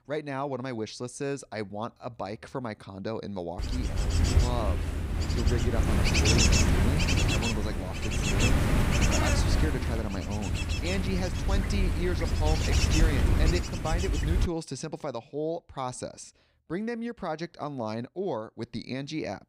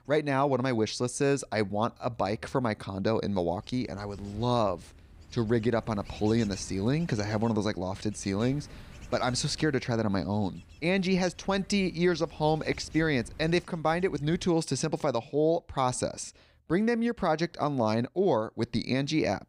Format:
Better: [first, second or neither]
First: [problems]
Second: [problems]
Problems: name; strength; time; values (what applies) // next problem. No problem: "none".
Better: second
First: wind noise on the microphone; heavy; from 3.5 to 14 s; 4 dB above the speech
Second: wind noise on the microphone; occasional gusts; from 3.5 to 14 s; 25 dB below the speech